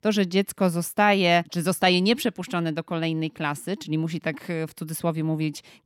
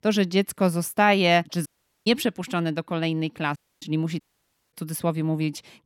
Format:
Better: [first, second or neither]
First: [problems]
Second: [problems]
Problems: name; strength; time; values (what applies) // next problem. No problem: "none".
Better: first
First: none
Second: audio cutting out; at 1.5 s, at 3.5 s and at 4 s for 0.5 s